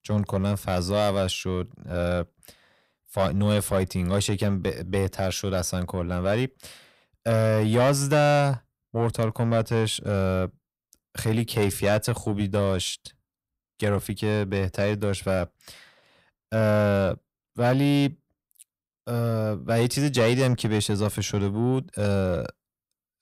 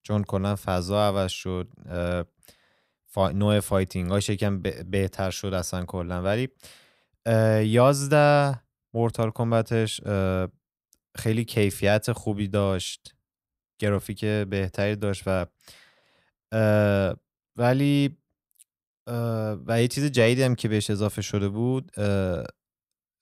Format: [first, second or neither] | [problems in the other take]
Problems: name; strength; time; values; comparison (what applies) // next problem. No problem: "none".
second | distortion; slight; 10 dB below the speech